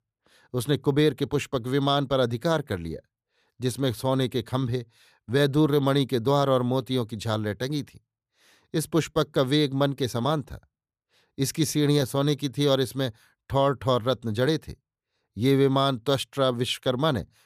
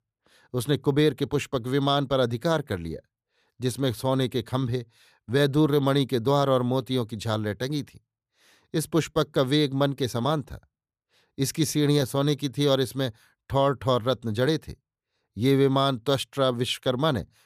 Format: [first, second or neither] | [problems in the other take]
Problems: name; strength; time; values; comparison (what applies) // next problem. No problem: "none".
neither | none